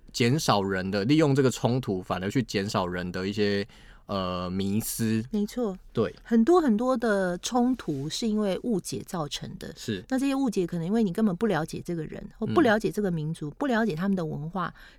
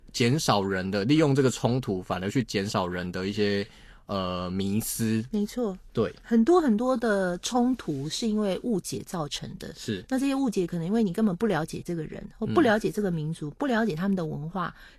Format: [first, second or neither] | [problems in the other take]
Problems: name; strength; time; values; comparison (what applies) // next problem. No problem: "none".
first | garbled, watery; slightly; nothing above 12.5 kHz